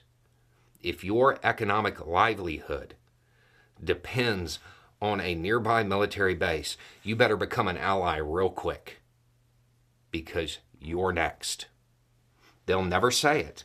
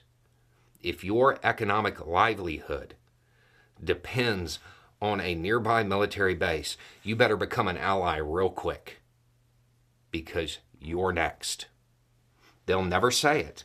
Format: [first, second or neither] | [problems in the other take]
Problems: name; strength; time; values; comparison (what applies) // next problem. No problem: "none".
neither | none